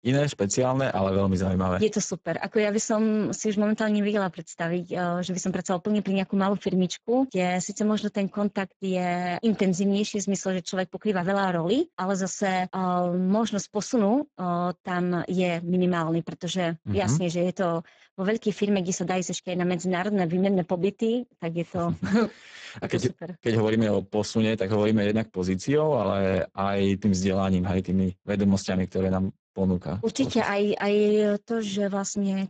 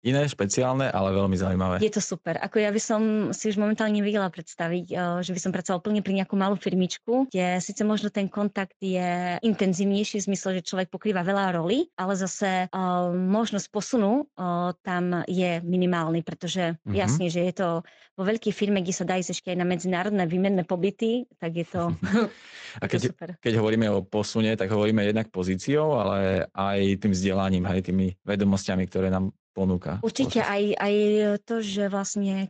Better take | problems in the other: second | garbled, watery; badly; nothing above 7.5 kHz; slightly in the second

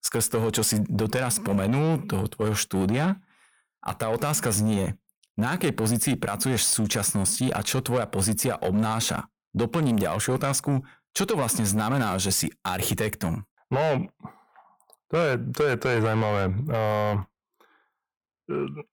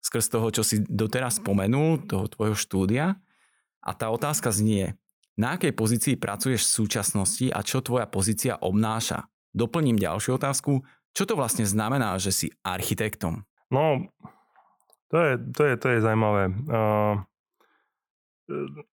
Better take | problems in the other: second | distortion; slight; 10 dB below the speech

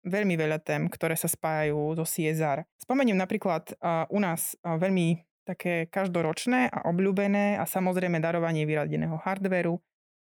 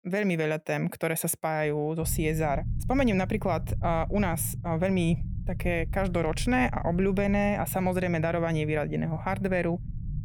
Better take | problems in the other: first | low rumble; faint; from 2 s on; 20 dB below the speech

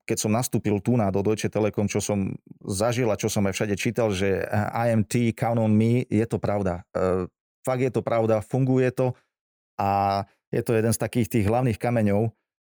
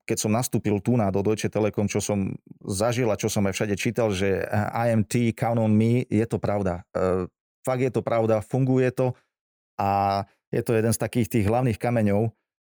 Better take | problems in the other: neither | none

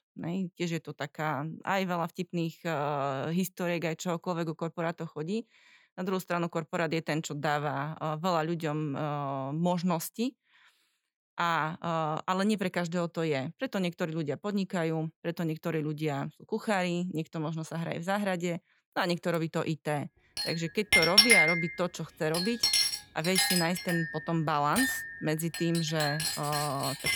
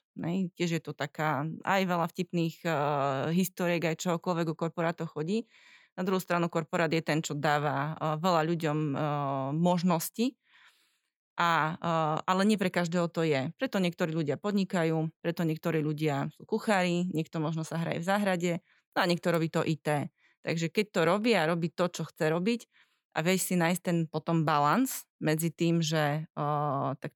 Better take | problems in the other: second | household noises; very loud; from 20 s on; 5 dB above the speech

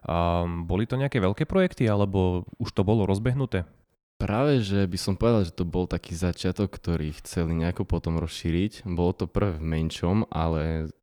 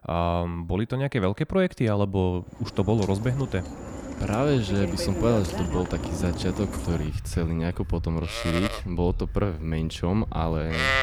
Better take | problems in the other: first | animal sounds; loud; from 2.5 s on; 7 dB below the speech

